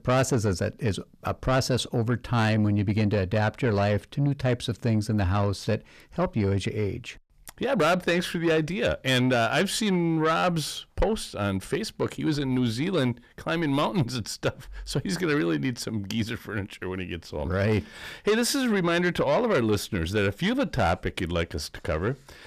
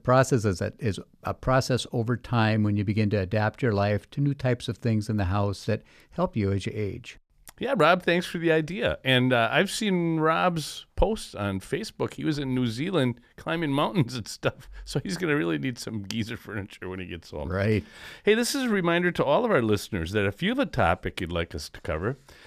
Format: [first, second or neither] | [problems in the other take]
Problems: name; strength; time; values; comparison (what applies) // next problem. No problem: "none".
second | distortion; slight; 10 dB below the speech